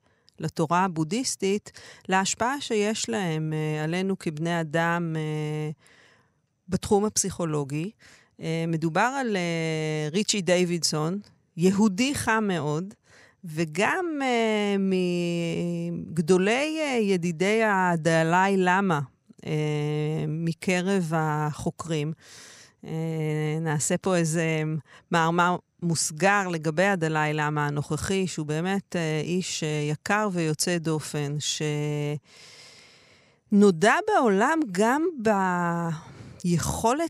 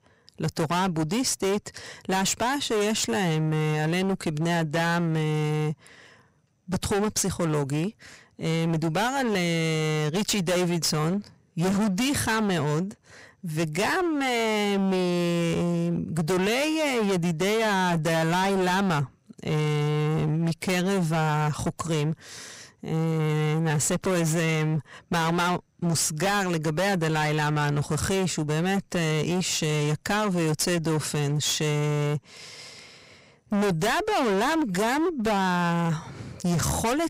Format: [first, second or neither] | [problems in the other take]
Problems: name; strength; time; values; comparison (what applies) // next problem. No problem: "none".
first | distortion; heavy; 30% of the sound clipped